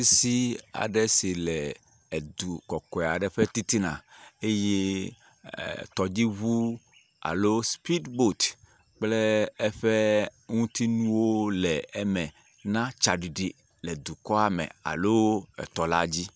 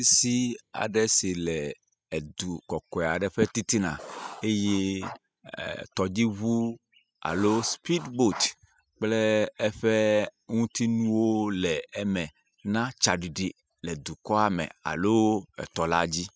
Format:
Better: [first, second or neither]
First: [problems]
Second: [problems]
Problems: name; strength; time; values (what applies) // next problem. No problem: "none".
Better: first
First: none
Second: noise reduction (classical method spectral subtraction)